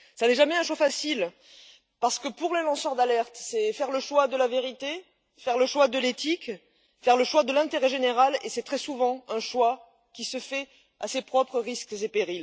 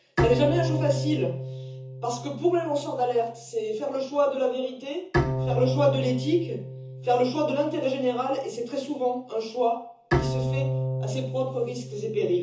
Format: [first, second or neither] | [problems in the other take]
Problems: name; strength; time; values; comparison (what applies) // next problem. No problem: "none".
first | background sound (Bowed string instrument); 4 dB below the speech // room echo; dies away in 0.6 s